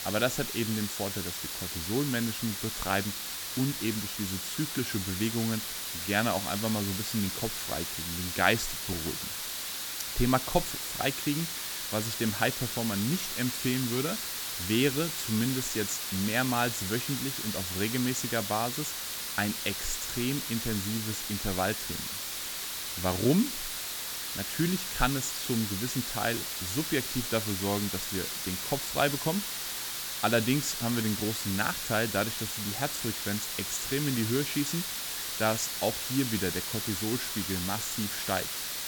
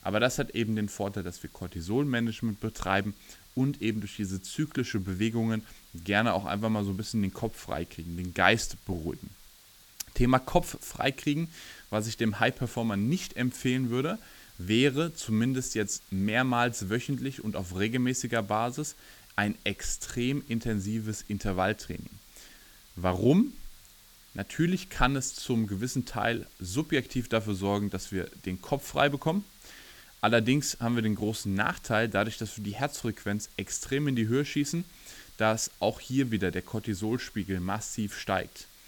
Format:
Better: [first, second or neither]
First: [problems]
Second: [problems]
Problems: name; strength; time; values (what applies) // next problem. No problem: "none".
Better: second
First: hiss; loud; throughout; 1 dB below the speech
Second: hiss; faint; throughout; 25 dB below the speech